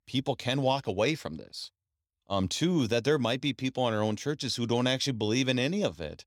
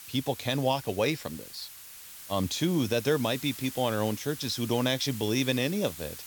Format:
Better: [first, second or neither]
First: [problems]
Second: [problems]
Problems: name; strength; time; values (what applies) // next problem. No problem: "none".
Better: first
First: none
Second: hiss; noticeable; throughout; 10 dB below the speech